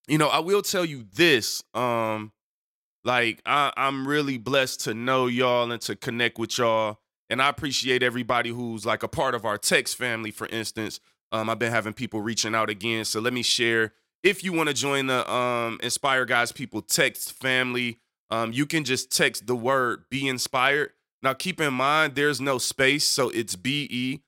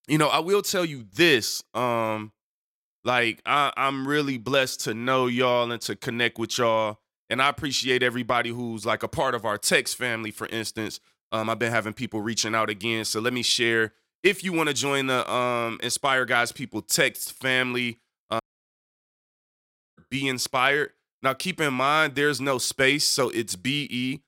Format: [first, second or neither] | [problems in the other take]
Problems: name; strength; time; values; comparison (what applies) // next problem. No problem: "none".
first | audio cutting out; at 18 s for 1.5 s